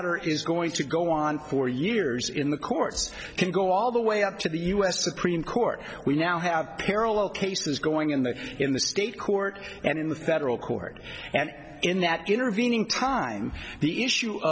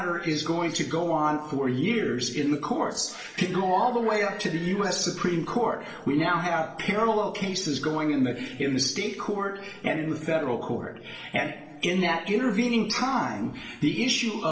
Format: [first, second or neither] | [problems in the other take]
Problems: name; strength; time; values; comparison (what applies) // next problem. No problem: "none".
first | noise reduction (neural separator model SepFormer DNS4)